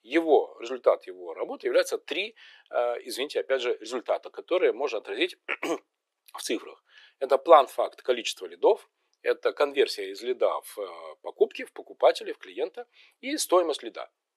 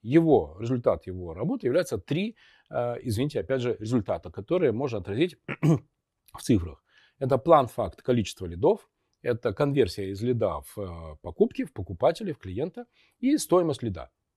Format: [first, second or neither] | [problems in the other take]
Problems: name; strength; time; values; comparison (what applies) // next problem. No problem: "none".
second | thin; very; fading below 400 Hz